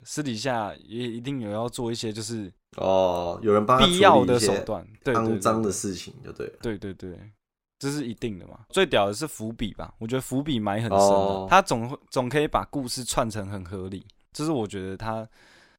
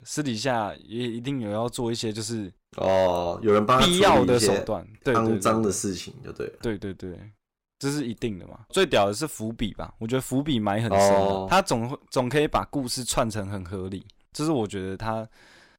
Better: first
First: none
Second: distortion; slight; 2% of the sound clipped

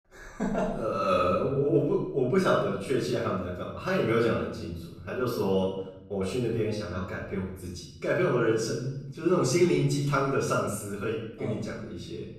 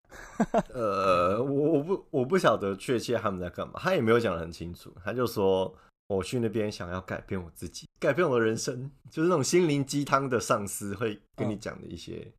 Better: second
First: off-mic speech; far // room echo; noticeable; dies away in 0.8 s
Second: none

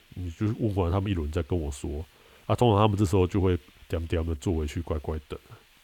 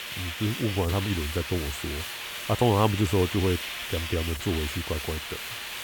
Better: first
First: hiss; faint; throughout; 30 dB below the speech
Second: hiss; loud; throughout; 5 dB below the speech

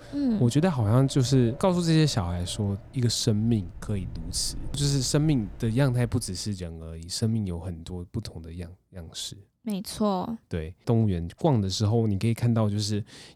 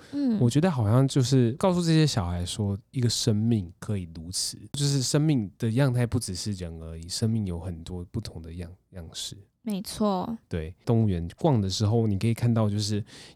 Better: second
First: wind in the background; noticeable; until 6 s; 20 dB below the speech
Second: none

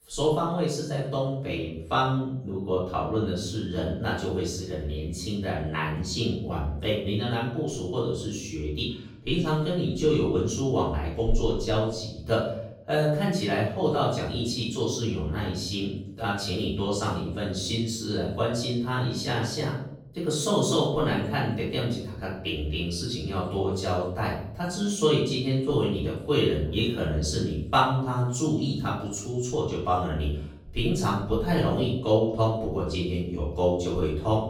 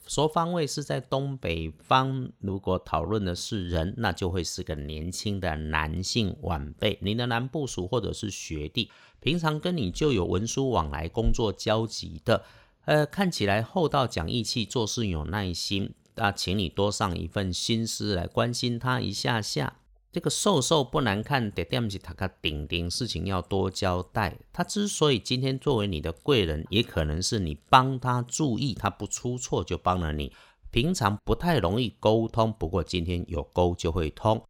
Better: second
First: room echo; noticeable; dies away in 0.7 s // off-mic speech; far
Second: none

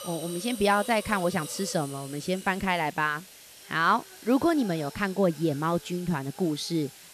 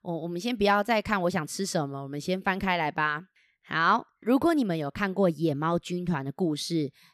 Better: second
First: hiss; noticeable; throughout; 15 dB below the speech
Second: none

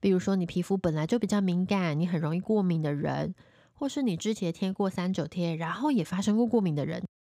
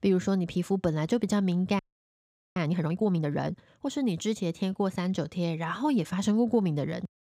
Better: first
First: none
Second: audio freezing; at 2 s for 1 s

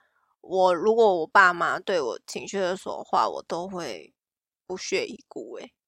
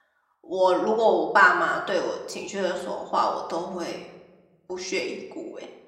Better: first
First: none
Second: room echo; slight; dies away in 0.8 s // off-mic speech; somewhat distant

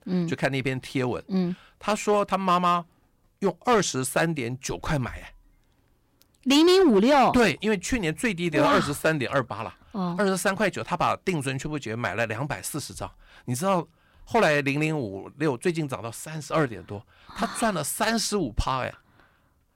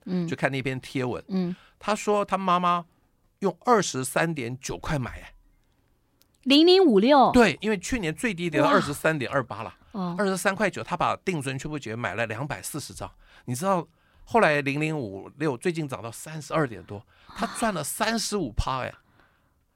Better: second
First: distortion; slight; 3% of the sound clipped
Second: none

